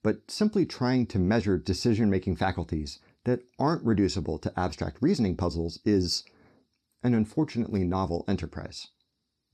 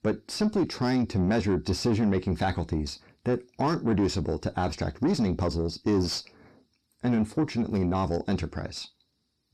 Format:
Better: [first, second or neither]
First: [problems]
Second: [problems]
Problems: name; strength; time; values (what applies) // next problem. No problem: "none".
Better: first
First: none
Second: distortion; slight; 10 dB below the speech